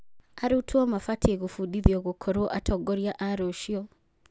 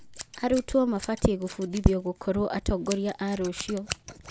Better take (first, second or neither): first